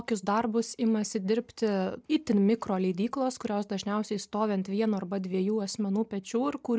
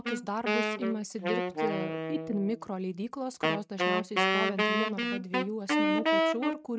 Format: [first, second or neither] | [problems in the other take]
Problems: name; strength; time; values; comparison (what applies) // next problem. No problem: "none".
first | noise reduction (neural mask model RNNoise)